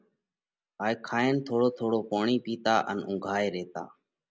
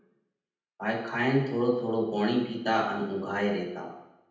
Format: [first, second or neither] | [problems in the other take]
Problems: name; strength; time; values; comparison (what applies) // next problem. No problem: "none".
first | room echo; dies away in 0.9 s